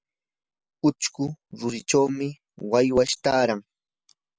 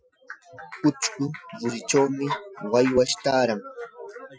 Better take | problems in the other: first | noise reduction (classical method Wiener filter)

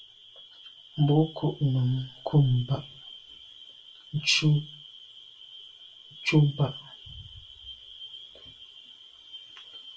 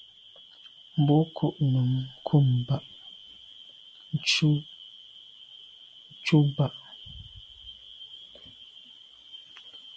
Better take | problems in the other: second | room echo; dies away in 0.2 s

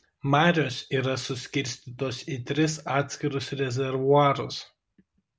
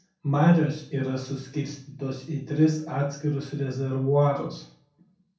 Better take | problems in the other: first | room echo; dies away in 0.5 s

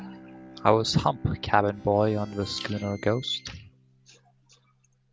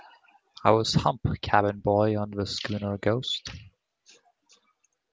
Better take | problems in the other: second | background sound (Harmonica + Bowed string instrument); 19 dB below the speech

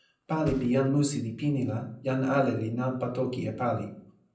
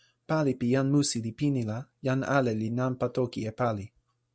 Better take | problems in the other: second | background sound (Thump, thud); 20 dB below the speech // room echo; dies away in 0.6 s

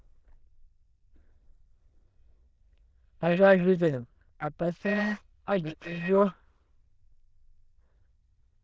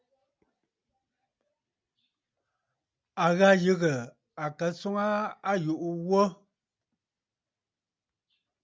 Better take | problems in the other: second | noise reduction (neural diffusion model UNIVERSE++)

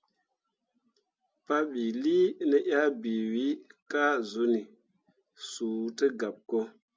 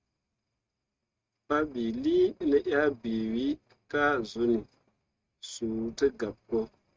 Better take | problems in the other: first | noise reduction (neural mask model RNNoise)

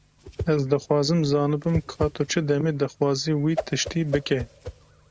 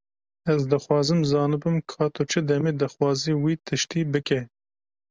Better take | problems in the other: second | background sound (Whoosh, swoosh, swish); 12 dB below the speech

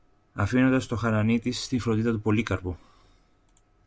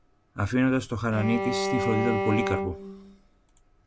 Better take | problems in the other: first | background sound (Bowed string instrument); 2 dB below the speech

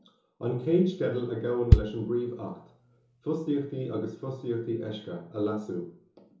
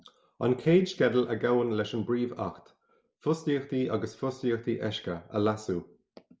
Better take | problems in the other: second | background sound (Bass drum); 3 dB above the speech // room echo; dies away in 0.8 s

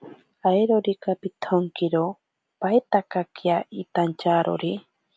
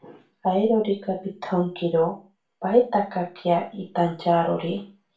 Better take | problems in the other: first | room echo; dies away in 0.3 s

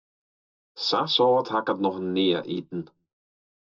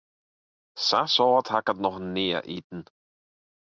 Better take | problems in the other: second | room echo; dies away in 0.2 s

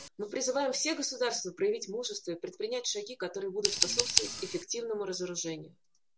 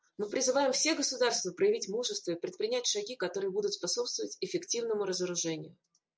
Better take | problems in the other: second | background sound (Scissors); 4 dB below the speech

